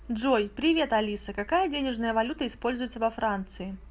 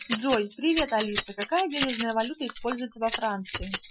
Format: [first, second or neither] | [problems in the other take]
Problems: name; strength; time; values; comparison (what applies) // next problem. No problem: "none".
first | noise reduction (classical method Wiener filter)